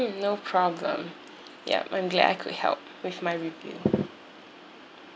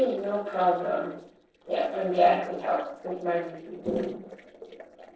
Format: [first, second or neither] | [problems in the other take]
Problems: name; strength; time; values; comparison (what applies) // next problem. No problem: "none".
first | noise reduction (neural separator model SepFormer DNS4)